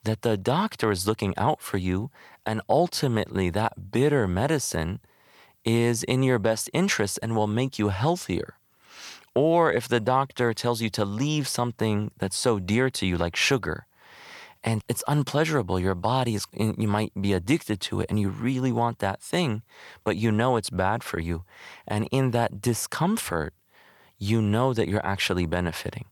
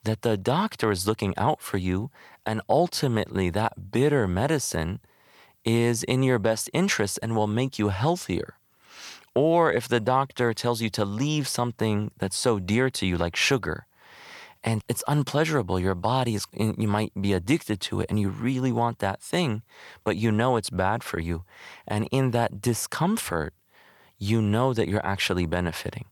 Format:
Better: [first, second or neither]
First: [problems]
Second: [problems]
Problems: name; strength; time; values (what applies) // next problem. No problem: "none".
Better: neither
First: none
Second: none